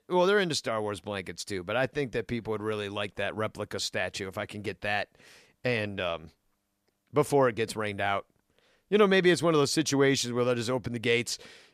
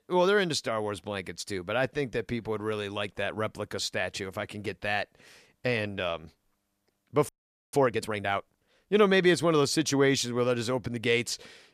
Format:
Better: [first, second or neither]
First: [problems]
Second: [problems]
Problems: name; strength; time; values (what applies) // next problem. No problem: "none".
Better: first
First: none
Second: audio freezing; at 7.5 s